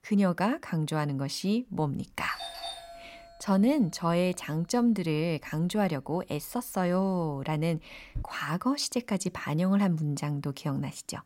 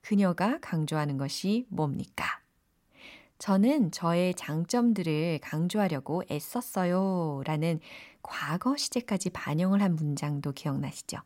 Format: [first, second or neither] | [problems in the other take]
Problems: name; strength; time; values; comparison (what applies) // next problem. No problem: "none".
second | doorbell; noticeable; from 2.5 to 8.5 s; peak 8 dB below the speech